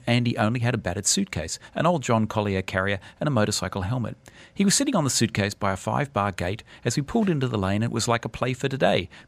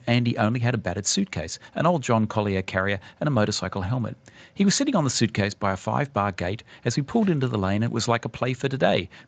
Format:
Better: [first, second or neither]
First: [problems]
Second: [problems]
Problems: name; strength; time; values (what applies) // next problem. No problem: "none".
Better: first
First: none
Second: garbled, watery; slightly; nothing above 7.5 kHz